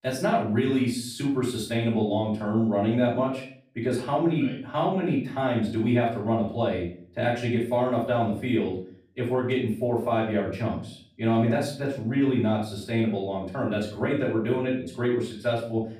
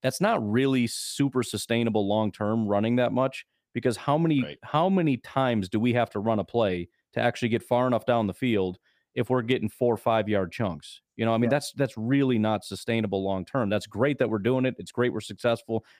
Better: second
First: off-mic speech; far // room echo; noticeable; dies away in 0.4 s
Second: none

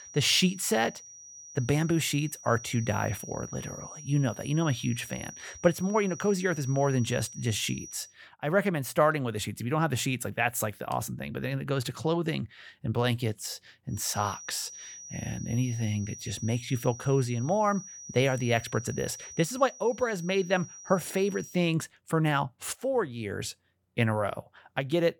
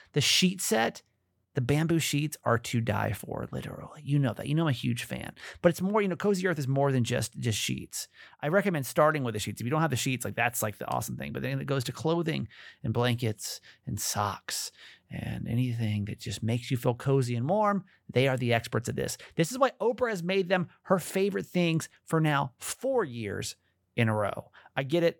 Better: second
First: high-pitched whine; noticeable; until 8 s and from 14 to 22 s; 6 kHz, 15 dB below the speech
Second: none

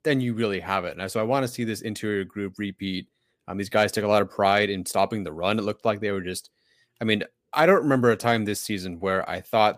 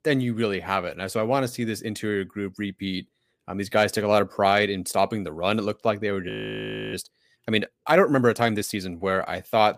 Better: first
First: none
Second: audio freezing; at 6.5 s for 0.5 s

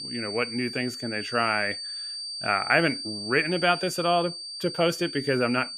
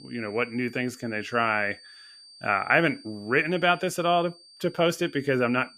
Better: second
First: high-pitched whine; loud; throughout; 4.5 kHz, 7 dB below the speech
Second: high-pitched whine; faint; throughout; 4.5 kHz, 25 dB below the speech

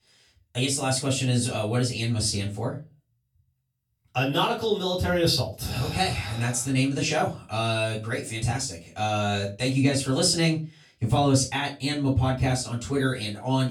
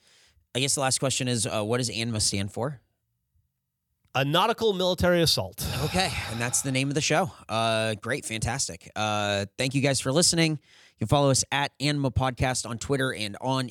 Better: second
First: room echo; slight; dies away in 0.3 s // off-mic speech; far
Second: none

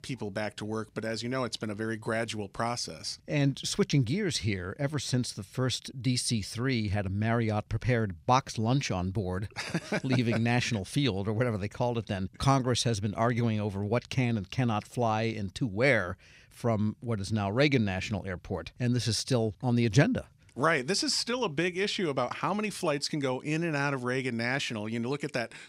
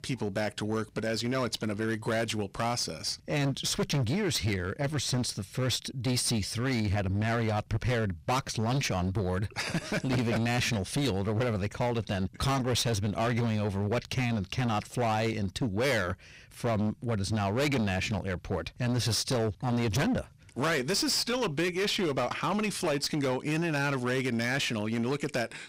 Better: first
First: none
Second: distortion; heavy; 19% of the sound clipped

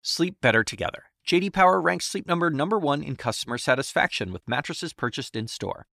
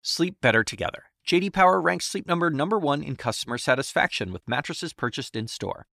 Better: neither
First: none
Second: none

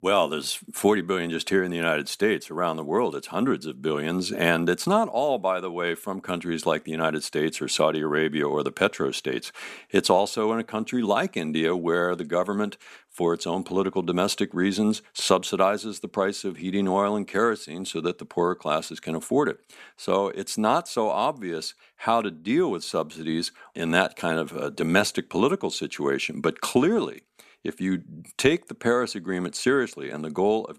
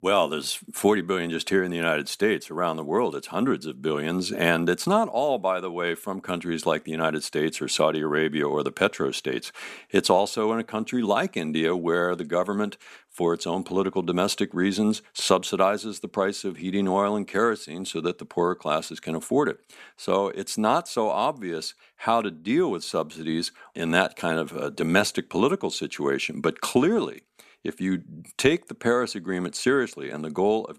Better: neither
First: none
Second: none

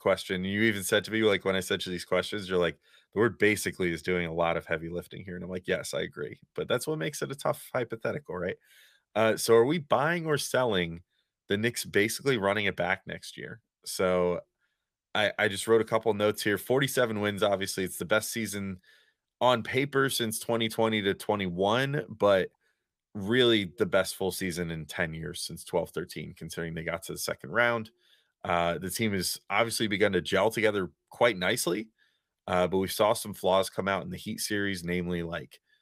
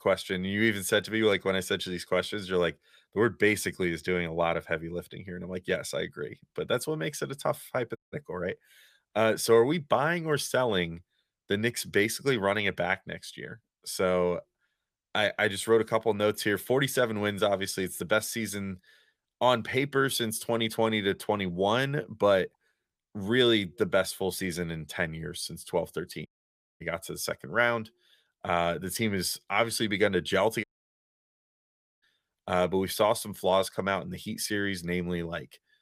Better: first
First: none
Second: audio cutting out; at 8 s, at 26 s for 0.5 s and at 31 s for 1.5 s

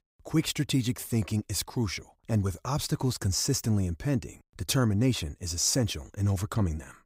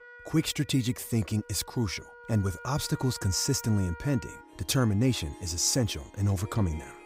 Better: first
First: none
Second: background music; noticeable; throughout; 20 dB below the speech

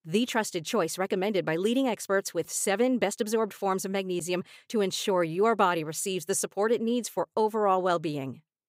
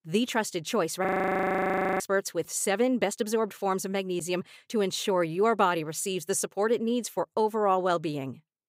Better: first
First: none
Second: audio freezing; at 1 s for 1 s

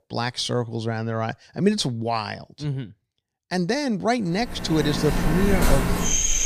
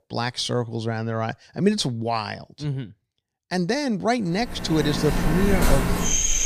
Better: neither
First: animal sounds; very loud; from 4.5 s on; 1 dB above the speech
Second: animal sounds; very loud; from 4.5 s on; 1 dB above the speech

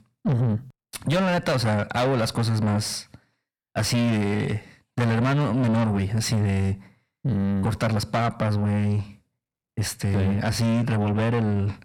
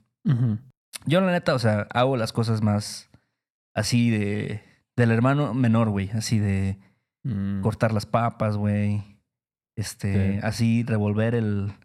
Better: second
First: distortion; heavy; 7 dB below the speech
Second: none

